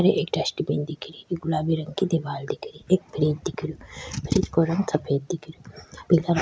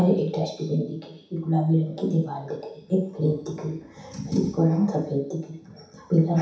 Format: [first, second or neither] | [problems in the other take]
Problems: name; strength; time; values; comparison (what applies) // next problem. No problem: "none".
first | room echo; dies away in 0.7 s